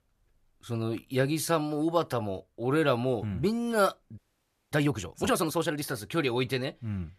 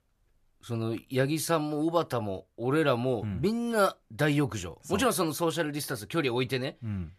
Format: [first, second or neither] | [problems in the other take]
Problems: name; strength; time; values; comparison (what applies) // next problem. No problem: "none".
second | audio freezing; at 4 s for 0.5 s